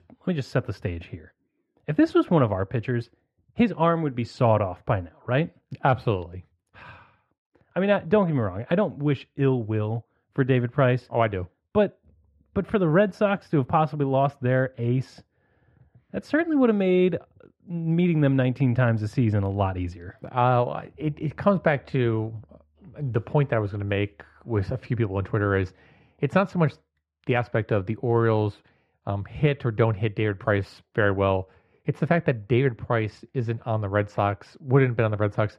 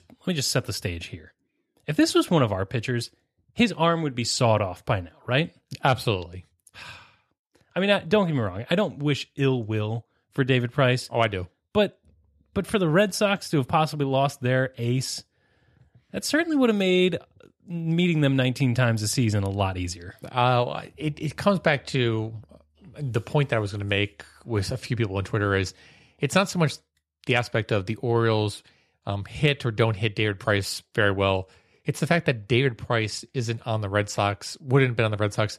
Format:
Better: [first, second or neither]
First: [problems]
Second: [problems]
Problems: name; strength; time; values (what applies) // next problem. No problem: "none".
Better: second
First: muffled; very; fading above 3.5 kHz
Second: none